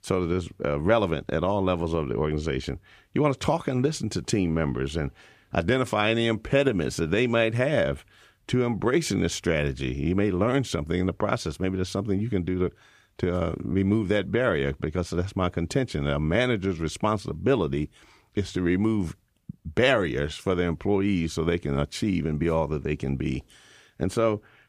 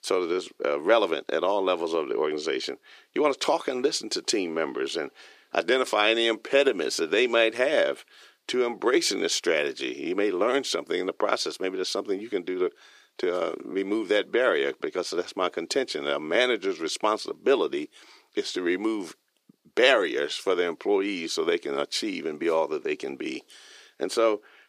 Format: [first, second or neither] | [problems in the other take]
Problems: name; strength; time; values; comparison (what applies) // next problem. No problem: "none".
first | thin; somewhat; fading below 350 Hz